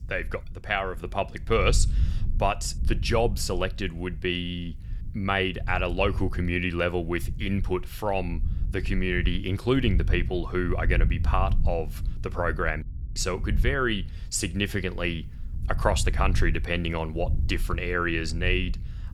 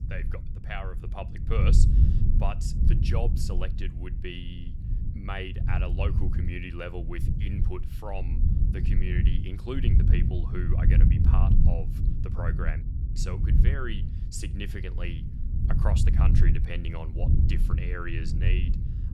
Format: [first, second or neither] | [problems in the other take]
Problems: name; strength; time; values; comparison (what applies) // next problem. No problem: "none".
first | low rumble; loud; throughout; 4 dB below the speech; faint in the first